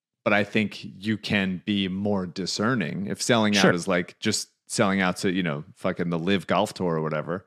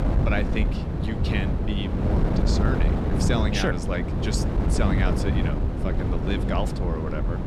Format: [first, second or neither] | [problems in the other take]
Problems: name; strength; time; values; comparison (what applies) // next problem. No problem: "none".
first | wind noise on the microphone; heavy; 1 dB below the speech